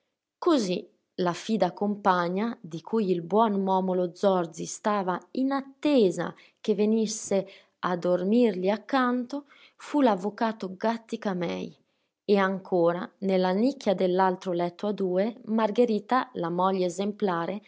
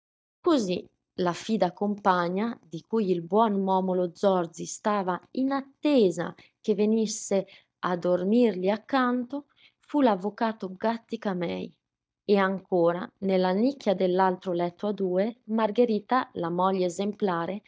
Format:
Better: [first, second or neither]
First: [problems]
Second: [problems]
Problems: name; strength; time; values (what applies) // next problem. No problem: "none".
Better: first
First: none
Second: noise reduction (neural mask model DeepFilterNet 3)